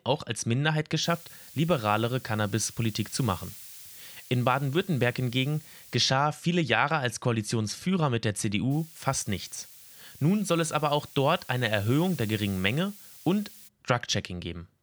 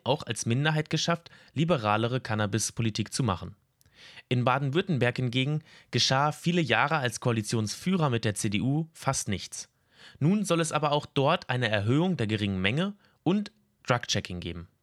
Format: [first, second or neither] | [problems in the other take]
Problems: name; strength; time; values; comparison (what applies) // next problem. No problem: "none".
second | hiss; noticeable; from 1 to 6 s and from 8.5 to 14 s; 20 dB below the speech